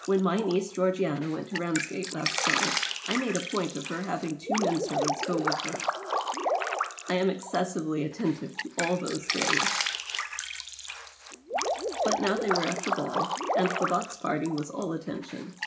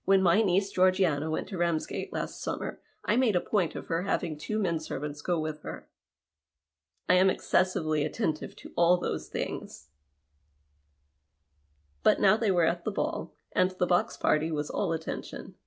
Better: second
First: background sound (Drip); 1 dB below the speech // room echo; dies away in 0.4 s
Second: none

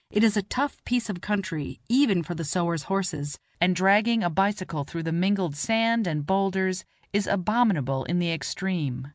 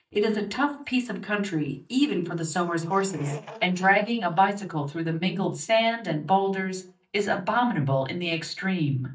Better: first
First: none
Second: noise reduction (neural mask model DeepFilterNet 3)

